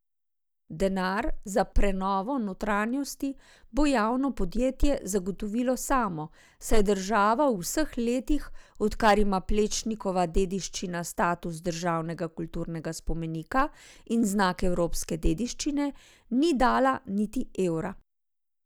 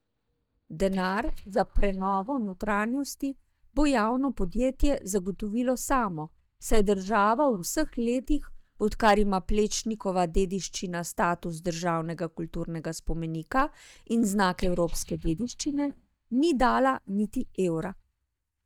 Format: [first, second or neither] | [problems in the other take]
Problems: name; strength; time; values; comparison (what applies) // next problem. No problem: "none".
first | noise reduction (neural mask model DeepFilterNet 3)